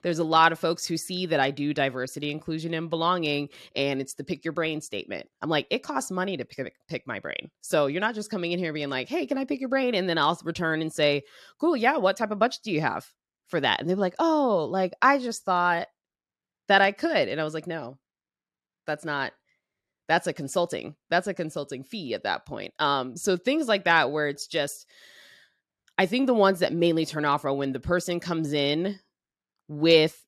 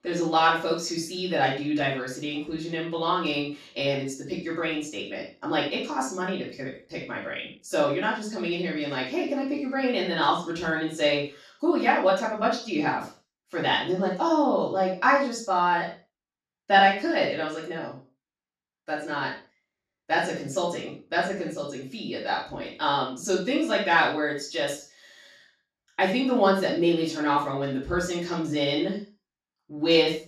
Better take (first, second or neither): first